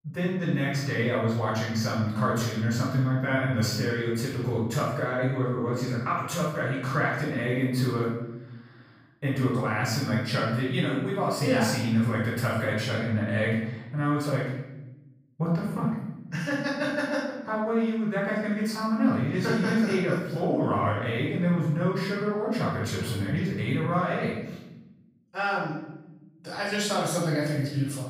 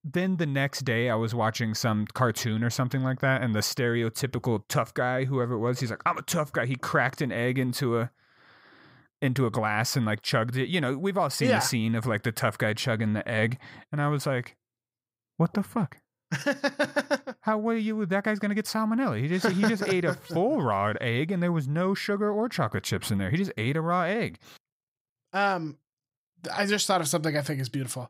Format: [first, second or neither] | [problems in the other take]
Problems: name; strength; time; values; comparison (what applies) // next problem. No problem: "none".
second | room echo; noticeable; dies away in 0.9 s // off-mic speech; far